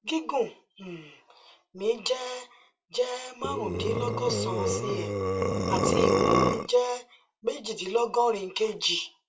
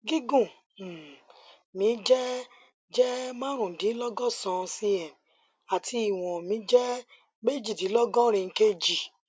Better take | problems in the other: second | background sound (Burping, eructation); 4 dB above the speech // room echo; dies away in 0.2 s

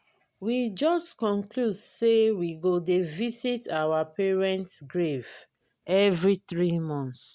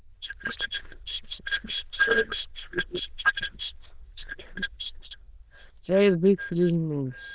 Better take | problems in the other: first | noise reduction (neural diffusion model UNIVERSE++)

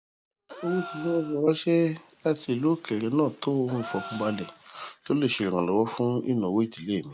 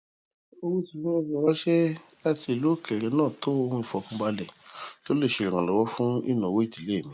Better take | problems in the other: second | background sound (Gasp); 17 dB below the speech

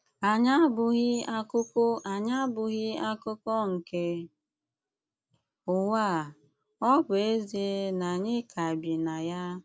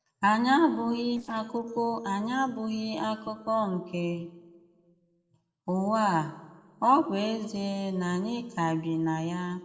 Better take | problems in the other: first | noise reduction (neural separator model SepFormer DNS4)

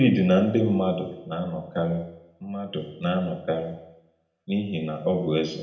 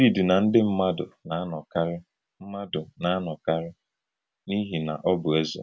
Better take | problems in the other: second | room echo; dies away in 0.7 s

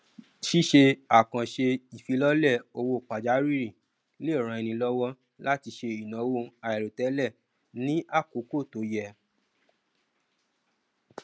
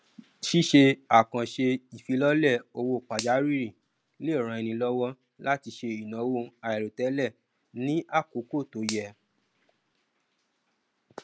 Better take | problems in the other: first | background sound (Finger snapping); 15 dB below the speech

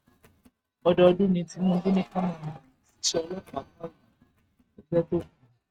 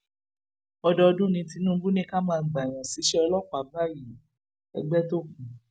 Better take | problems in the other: second | noise reduction (neural mask model RNNoise)

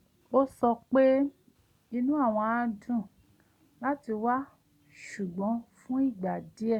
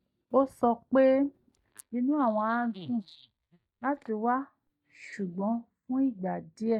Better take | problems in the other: first | noise reduction (neural mask model DeepFilterNet 3)

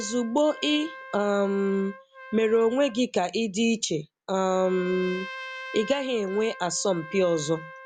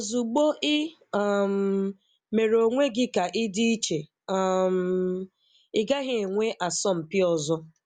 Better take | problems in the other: second | background sound (Trumpet); 16 dB below the speech

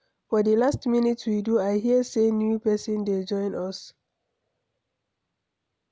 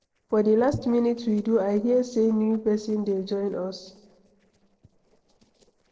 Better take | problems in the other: first | noise reduction (neural separator model SepFormer DNS4)

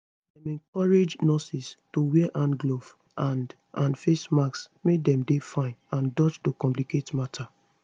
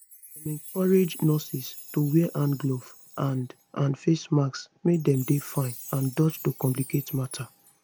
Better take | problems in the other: first | background sound (Chime); 17 dB below the speech

